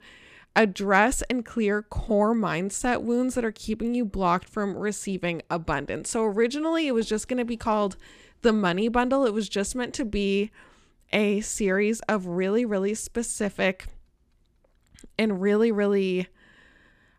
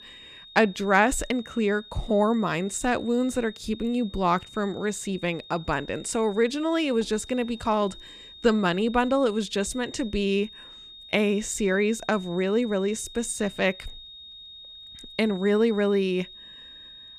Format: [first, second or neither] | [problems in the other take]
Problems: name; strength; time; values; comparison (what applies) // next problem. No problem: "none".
first | high-pitched whine; noticeable; throughout; 3.5 kHz, 20 dB below the speech